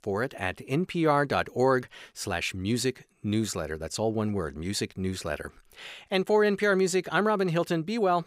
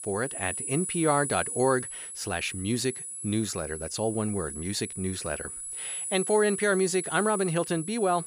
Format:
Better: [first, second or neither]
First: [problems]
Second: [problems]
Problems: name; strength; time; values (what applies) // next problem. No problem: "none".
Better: first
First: none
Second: high-pitched whine; loud; throughout; 10.5 kHz, 5 dB below the speech